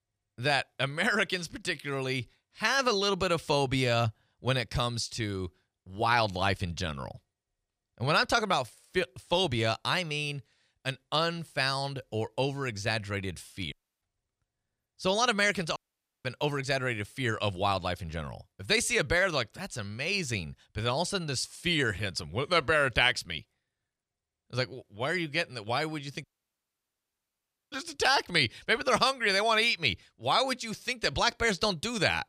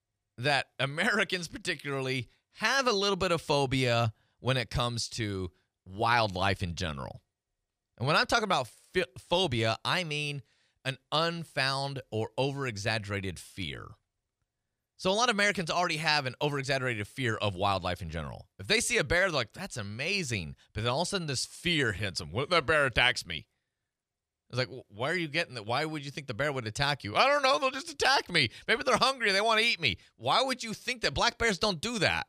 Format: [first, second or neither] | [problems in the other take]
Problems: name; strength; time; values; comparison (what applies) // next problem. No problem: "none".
second | audio cutting out; at 14 s, at 16 s and at 26 s for 1.5 s